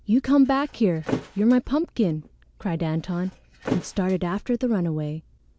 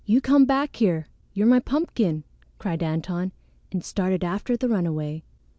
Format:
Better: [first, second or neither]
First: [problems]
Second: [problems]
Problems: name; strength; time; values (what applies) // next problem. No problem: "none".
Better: second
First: background sound (Thump, thud); 12 dB below the speech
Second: none